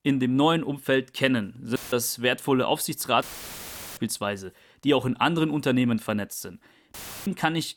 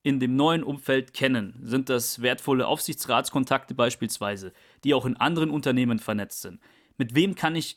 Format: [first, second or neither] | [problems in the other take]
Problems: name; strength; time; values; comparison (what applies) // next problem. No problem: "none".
second | audio cutting out; filled with static; at 2 s, at 3 s for 1 s and at 7 s